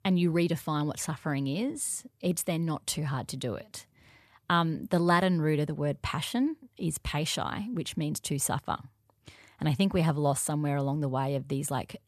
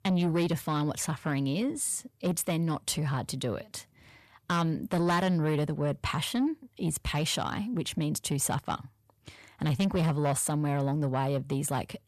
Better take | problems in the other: first | distortion; slight; 10 dB below the speech

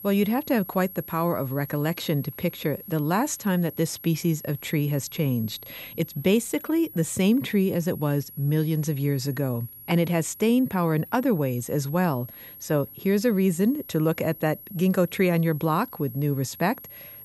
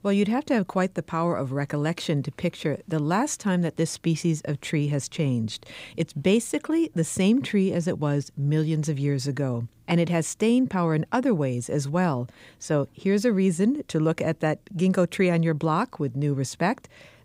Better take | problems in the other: second | high-pitched whine; noticeable; throughout; 11.5 kHz, 15 dB below the speech

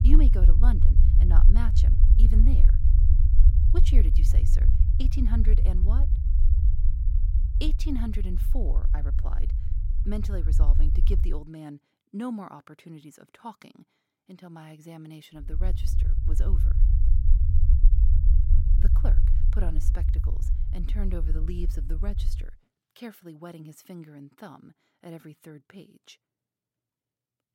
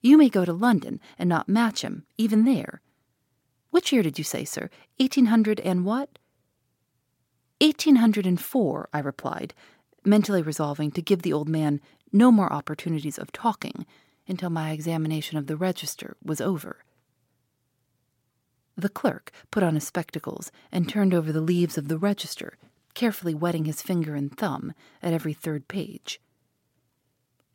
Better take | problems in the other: second | low rumble; loud; until 11 s and from 16 to 22 s; 3 dB below the speech

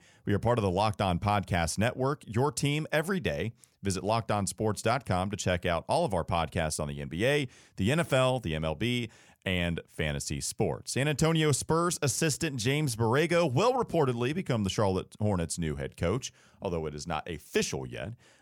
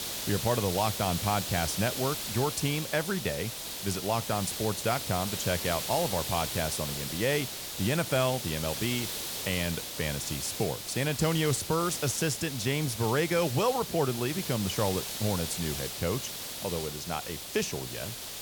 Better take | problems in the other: first | hiss; loud; throughout; 4 dB below the speech

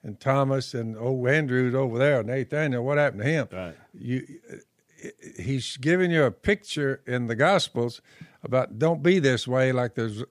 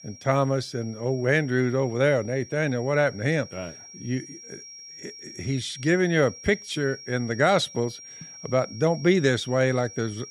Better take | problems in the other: first | high-pitched whine; noticeable; throughout; 5.5 kHz, 15 dB below the speech

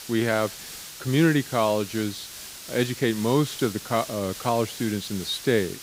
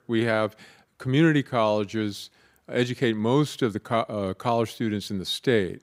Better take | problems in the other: second | hiss; noticeable; throughout; 10 dB below the speech

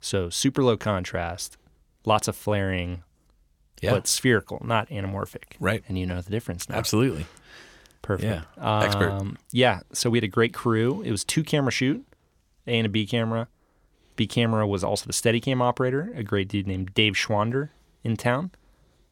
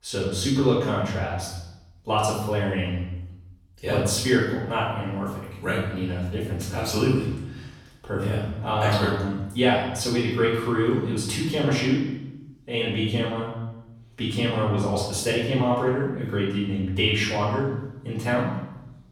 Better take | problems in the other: first | off-mic speech; far // room echo; noticeable; dies away in 0.9 s

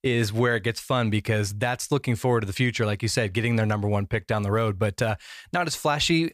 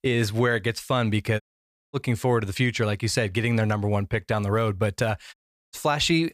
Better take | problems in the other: first | audio cutting out; at 1.5 s for 0.5 s and at 5.5 s

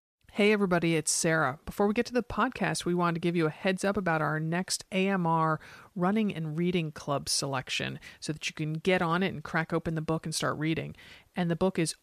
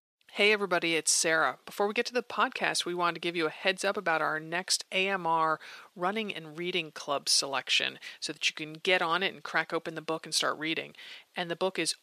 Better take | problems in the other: first | thin; somewhat; fading below 400 Hz

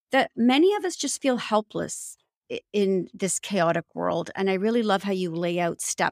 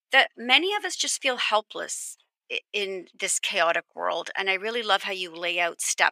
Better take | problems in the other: first | thin; very; fading below 650 Hz

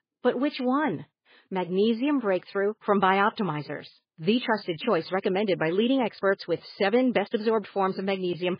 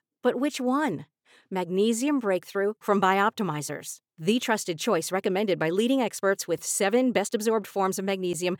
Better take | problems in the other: second | garbled, watery; badly; nothing above 5 kHz

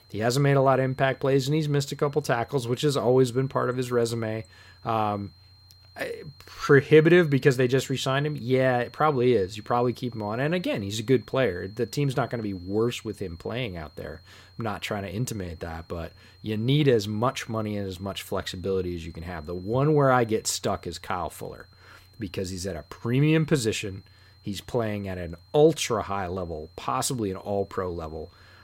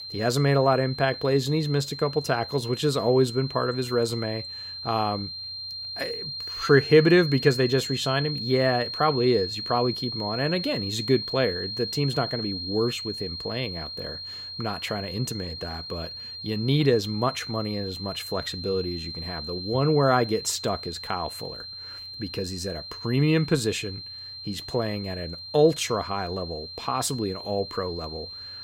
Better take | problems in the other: first | high-pitched whine; loud; throughout; 4 kHz, 8 dB below the speech; faint in the first

